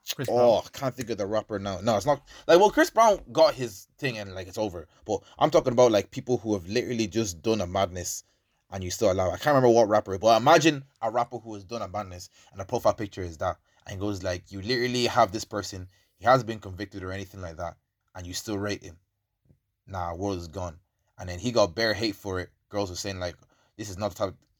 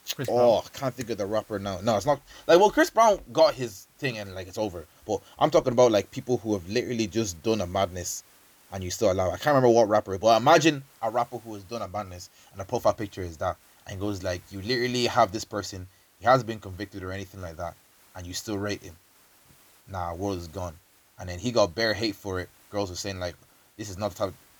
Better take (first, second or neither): first